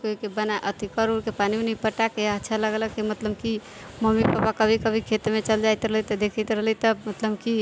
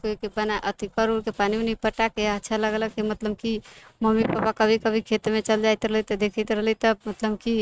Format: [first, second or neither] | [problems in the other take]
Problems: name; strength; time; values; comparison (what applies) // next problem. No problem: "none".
first | noise reduction (neural mask model RNNoise)